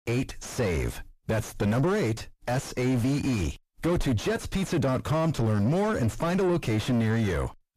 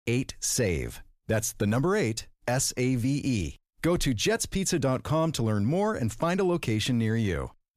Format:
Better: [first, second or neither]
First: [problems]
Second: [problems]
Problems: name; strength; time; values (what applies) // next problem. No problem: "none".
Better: second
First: distortion; heavy; 7 dB below the speech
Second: none